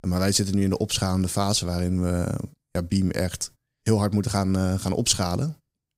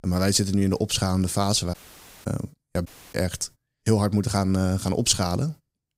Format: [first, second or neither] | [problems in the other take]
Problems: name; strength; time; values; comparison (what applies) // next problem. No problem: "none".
first | audio cutting out; at 1.5 s for 0.5 s and at 3 s